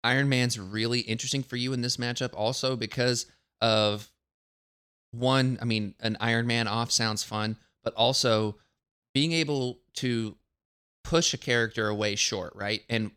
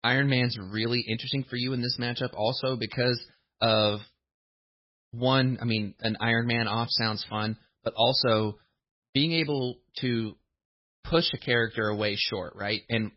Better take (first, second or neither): first